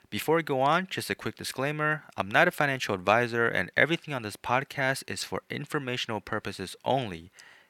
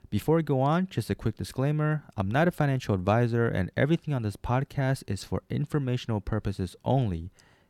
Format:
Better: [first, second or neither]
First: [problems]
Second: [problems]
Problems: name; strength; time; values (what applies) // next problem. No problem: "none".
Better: second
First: thin; somewhat; fading below 900 Hz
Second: none